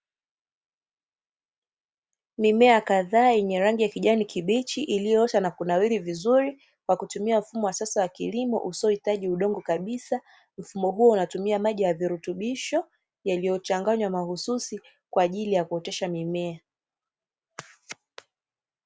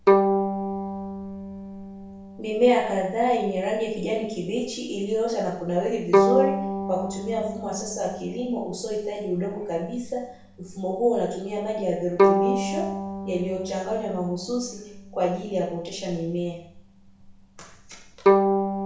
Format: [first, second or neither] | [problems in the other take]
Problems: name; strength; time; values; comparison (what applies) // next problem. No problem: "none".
first | background sound (Bowed string instrument); as loud as the speech // room echo; dies away in 0.6 s